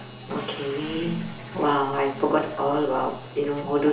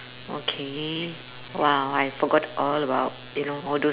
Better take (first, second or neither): second